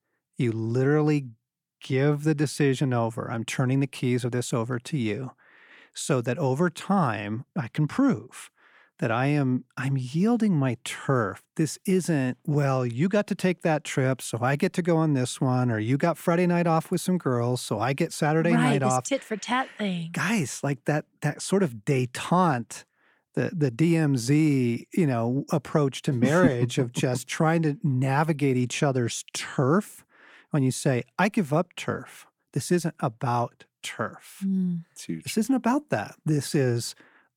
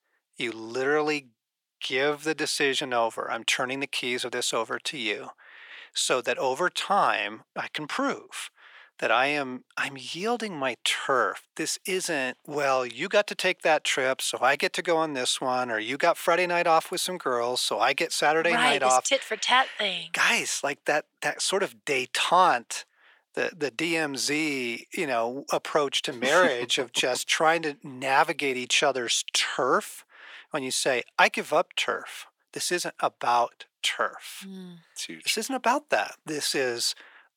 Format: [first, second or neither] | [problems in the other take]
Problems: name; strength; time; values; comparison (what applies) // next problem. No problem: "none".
first | thin; very; fading below 600 Hz